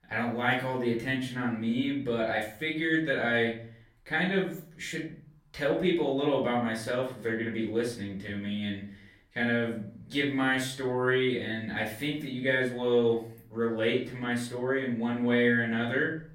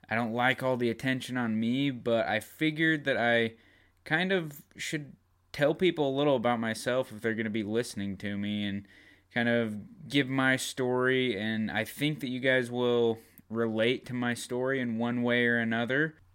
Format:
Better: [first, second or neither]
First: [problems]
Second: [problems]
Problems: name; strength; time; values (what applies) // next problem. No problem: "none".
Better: second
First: room echo; slight; dies away in 0.4 s // off-mic speech; far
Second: none